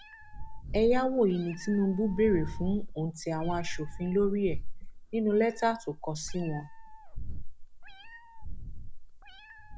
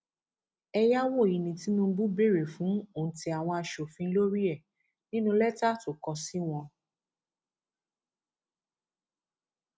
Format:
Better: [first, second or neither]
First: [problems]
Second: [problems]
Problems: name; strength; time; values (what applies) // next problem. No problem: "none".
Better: second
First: background sound (Meow); 5 dB below the speech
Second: none